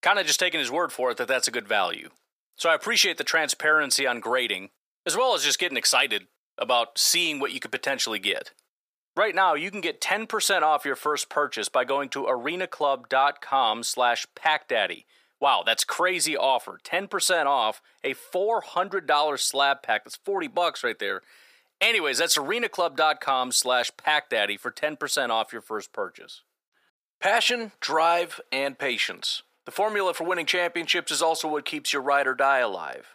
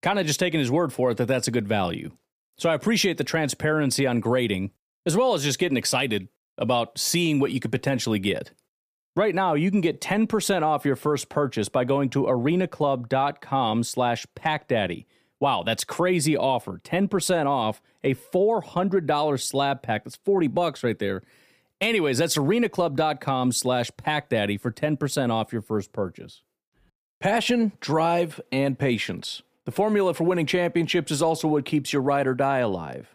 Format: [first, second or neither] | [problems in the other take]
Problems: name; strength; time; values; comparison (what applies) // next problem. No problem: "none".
second | thin; very; fading below 650 Hz